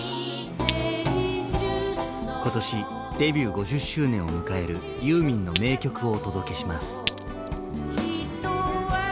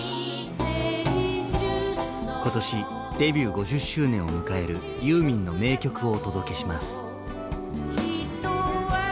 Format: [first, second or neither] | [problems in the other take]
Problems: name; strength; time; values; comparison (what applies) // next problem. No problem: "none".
second | background sound (Glass); 10 dB below the speech